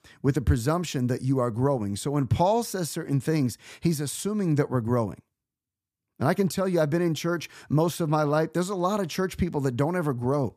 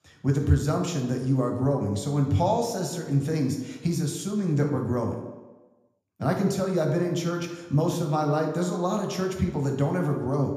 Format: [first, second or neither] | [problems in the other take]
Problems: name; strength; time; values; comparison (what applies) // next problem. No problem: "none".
first | room echo; noticeable; dies away in 0.9 s // off-mic speech; somewhat distant